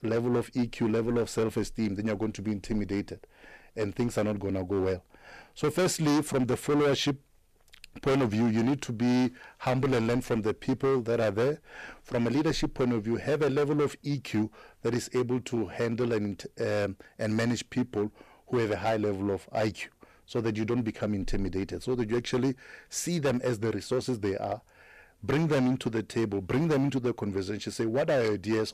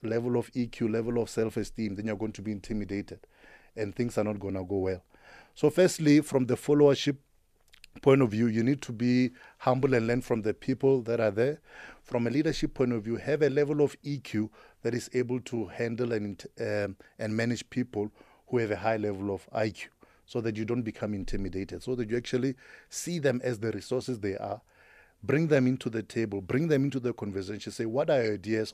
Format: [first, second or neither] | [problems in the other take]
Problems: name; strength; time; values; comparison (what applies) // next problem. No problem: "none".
second | distortion; heavy; 10% of the sound clipped